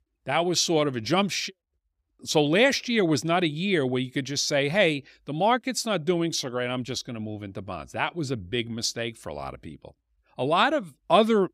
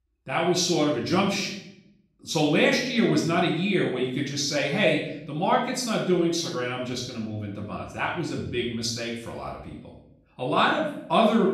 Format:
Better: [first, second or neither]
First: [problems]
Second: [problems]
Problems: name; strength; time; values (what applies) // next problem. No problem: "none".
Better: first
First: none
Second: off-mic speech; far // room echo; noticeable; dies away in 0.6 s